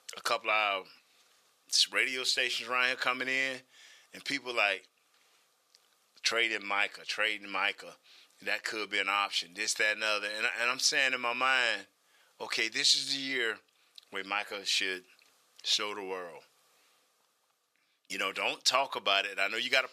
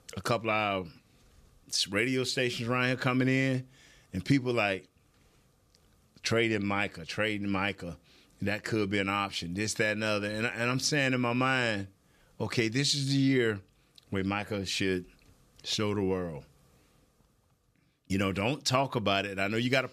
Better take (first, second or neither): second